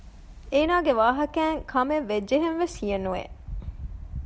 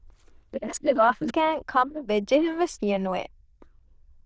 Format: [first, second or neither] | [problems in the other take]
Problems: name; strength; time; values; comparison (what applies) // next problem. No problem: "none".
first | noise reduction (neural diffusion model UNIVERSE++)